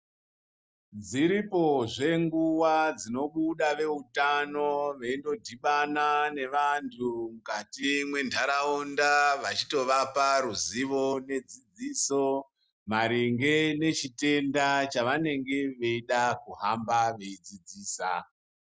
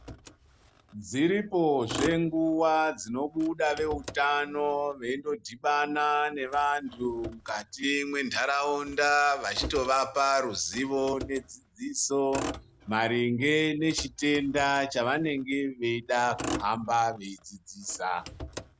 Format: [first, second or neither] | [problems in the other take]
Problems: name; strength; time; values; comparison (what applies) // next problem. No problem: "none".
first | background sound (Motor vehicle (road)); 15 dB below the speech